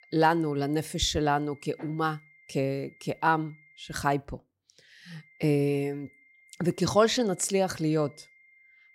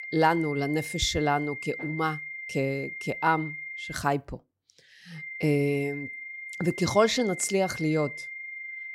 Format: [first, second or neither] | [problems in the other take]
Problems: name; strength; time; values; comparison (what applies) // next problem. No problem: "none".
first | high-pitched whine; loud; until 4 s and from 5 s on; 2 kHz, 9 dB below the speech; faint in the first